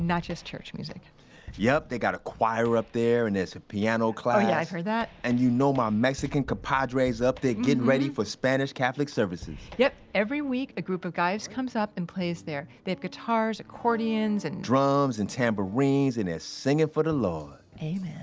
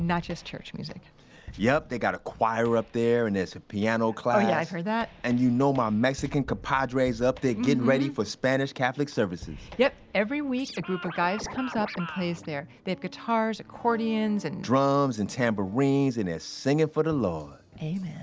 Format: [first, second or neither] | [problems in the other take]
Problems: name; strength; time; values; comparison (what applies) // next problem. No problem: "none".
first | background sound (Scratching (performance technique)); 12 dB below the speech